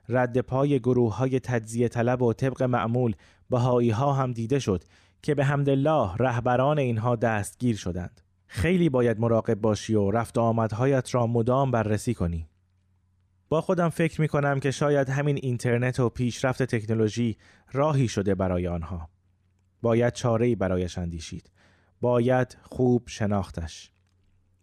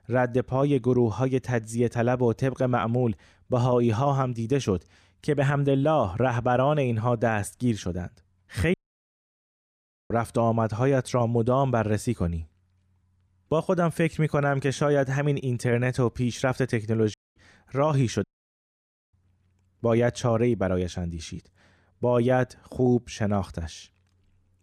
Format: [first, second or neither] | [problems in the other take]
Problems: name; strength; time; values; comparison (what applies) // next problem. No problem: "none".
first | audio cutting out; at 8.5 s for 1.5 s, at 17 s and at 18 s for 1 s